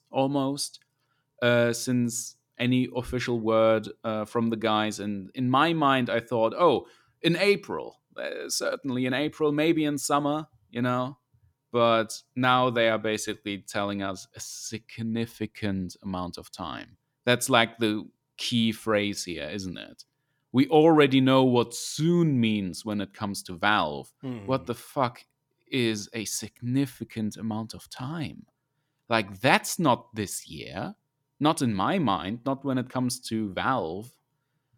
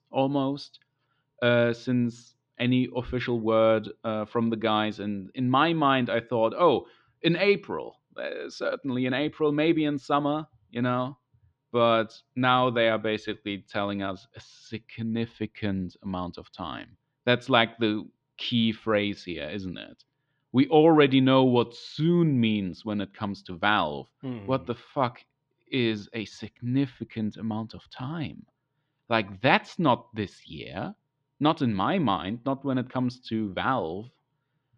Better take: first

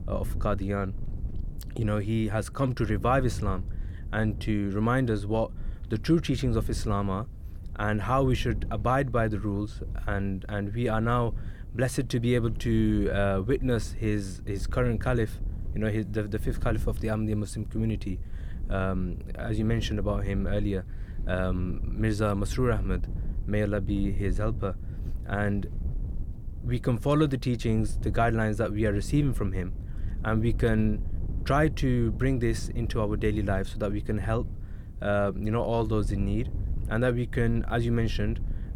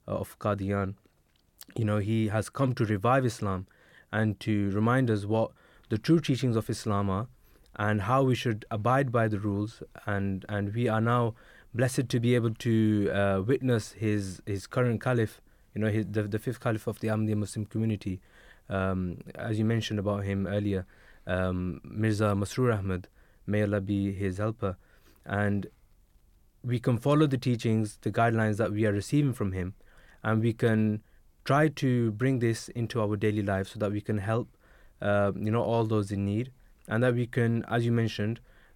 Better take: second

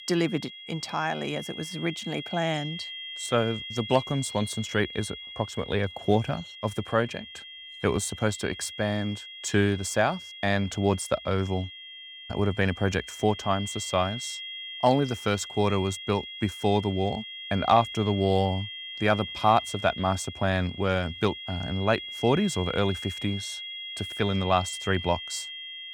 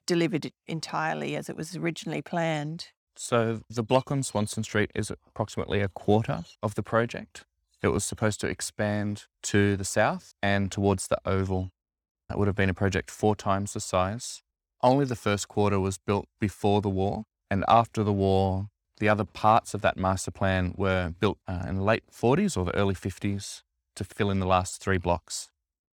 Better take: second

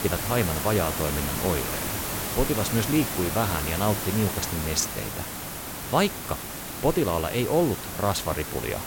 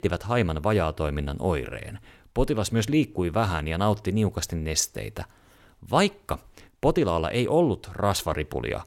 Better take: second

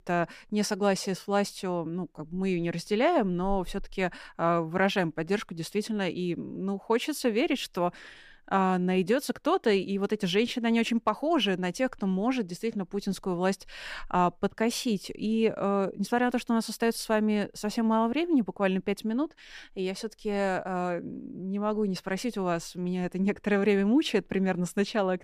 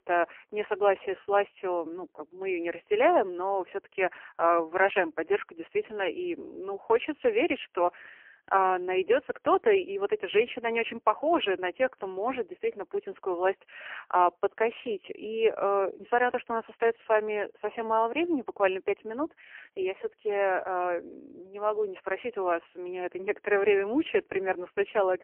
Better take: first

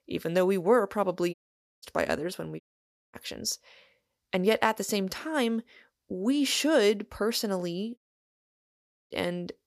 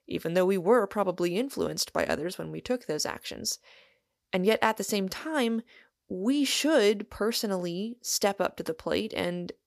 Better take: second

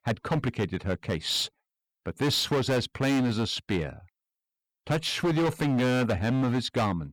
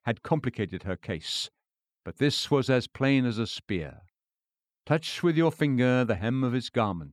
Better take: second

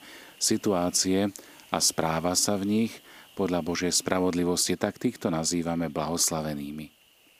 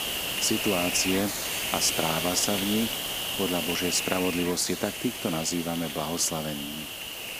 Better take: first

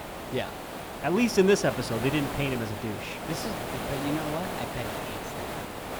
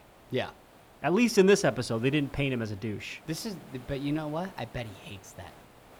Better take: second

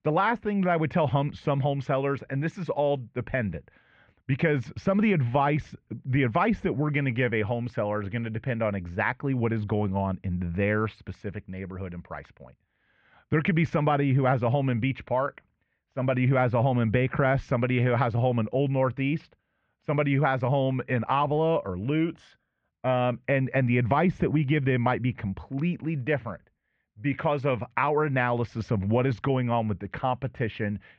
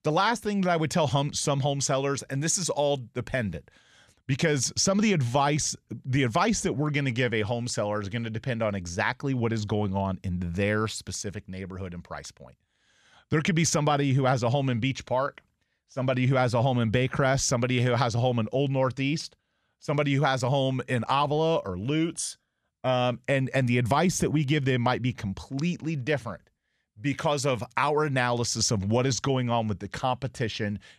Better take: second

